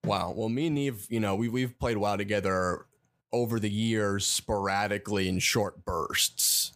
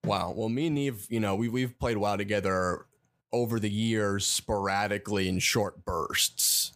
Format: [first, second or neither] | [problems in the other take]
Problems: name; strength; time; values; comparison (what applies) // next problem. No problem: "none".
neither | none